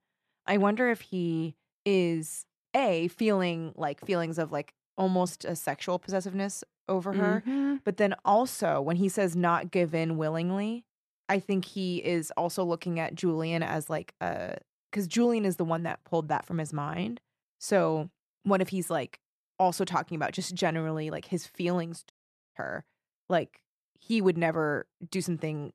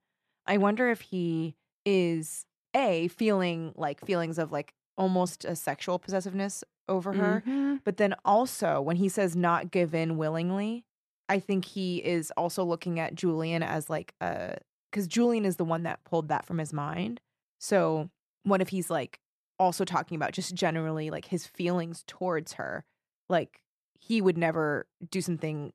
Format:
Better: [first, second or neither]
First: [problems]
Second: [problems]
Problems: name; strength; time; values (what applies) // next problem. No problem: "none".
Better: second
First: audio cutting out; at 22 s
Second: none